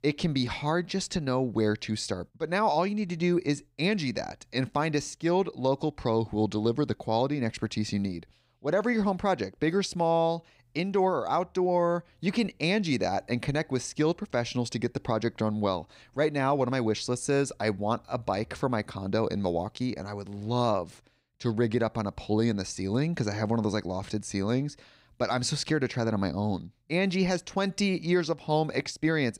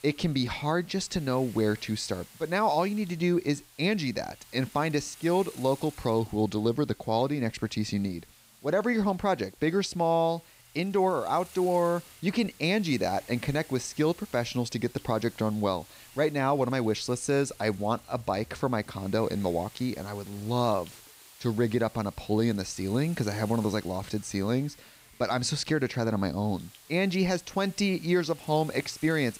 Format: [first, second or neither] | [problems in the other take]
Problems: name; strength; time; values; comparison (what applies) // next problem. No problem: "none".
first | hiss; faint; throughout; 20 dB below the speech